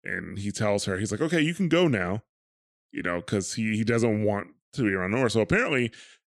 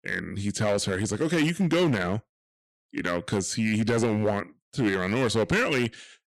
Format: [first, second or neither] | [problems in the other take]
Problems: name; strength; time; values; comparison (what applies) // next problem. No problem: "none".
first | distortion; slight; 8% of the sound clipped